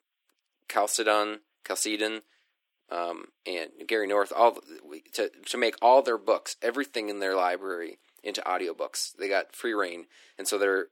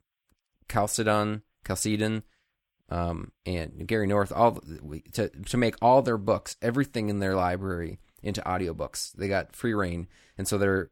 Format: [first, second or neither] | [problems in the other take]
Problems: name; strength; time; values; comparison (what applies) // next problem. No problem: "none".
second | thin; somewhat; fading below 300 Hz